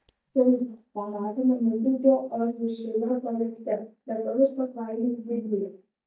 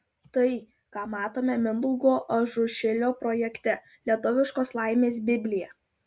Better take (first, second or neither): second